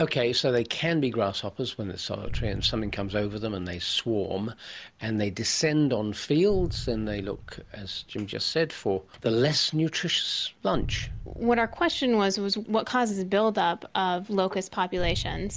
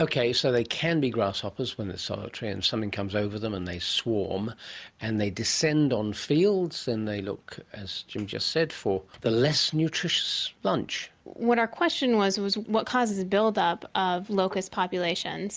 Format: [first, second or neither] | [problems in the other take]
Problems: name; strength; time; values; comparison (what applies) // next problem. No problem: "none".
second | background sound (Boom); 12 dB below the speech